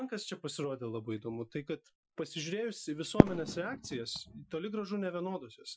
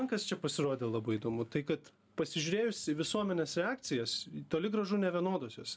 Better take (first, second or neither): second